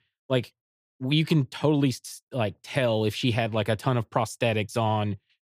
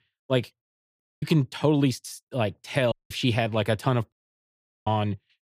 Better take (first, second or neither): first